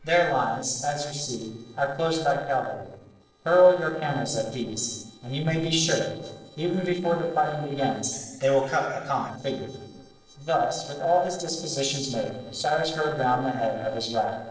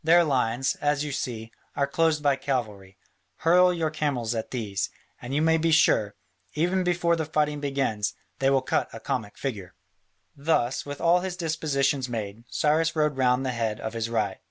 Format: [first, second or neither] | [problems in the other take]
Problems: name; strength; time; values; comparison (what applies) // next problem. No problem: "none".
second | noise reduction (neural separator model SepFormer DNS4)